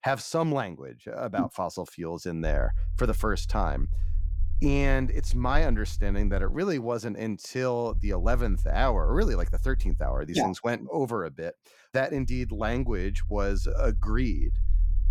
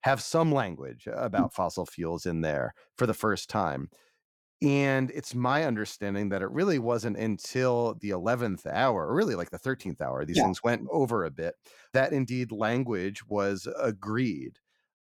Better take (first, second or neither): second